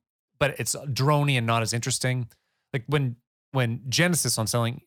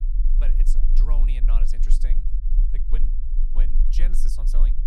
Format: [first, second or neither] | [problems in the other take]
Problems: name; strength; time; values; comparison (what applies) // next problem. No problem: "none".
first | low rumble; loud; throughout; 6 dB below the speech